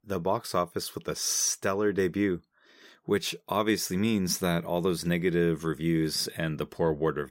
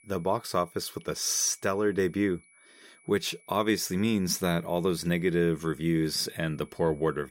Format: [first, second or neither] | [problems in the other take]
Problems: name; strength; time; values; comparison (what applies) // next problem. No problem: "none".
first | high-pitched whine; faint; throughout; 2.5 kHz, 30 dB below the speech